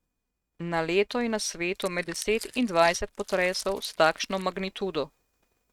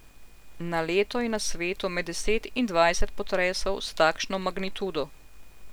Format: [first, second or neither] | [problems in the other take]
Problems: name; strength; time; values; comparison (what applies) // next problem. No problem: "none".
second | noise reduction (neural mask model RNNoise)